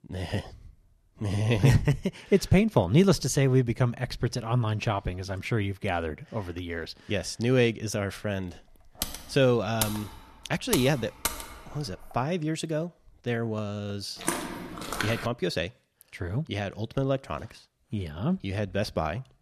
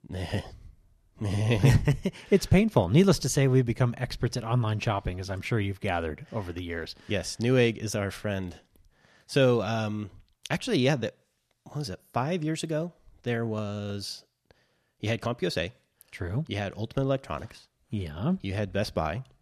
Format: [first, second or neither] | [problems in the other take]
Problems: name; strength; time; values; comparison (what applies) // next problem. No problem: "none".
second | keyboard typing; noticeable; from 9 to 12 s; peak 3 dB below the speech // footsteps; noticeable; from 14 to 15 s; peak 3 dB below the speech